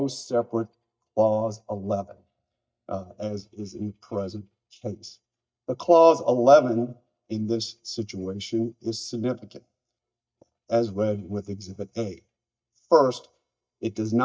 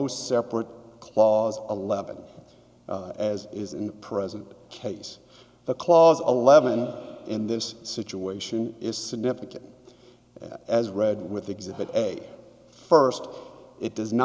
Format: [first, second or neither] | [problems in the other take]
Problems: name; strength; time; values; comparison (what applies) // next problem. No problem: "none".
second | noise reduction (neural mask model DeepFilterNet 3)